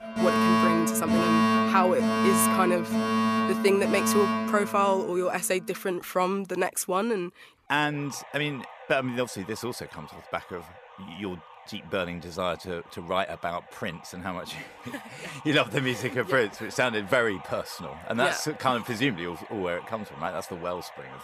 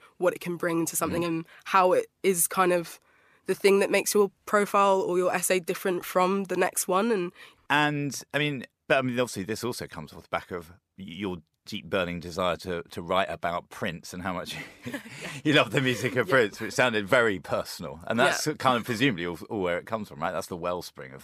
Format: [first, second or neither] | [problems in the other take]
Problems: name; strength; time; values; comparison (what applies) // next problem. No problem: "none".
second | alarms or sirens; very loud; throughout; 3 dB above the speech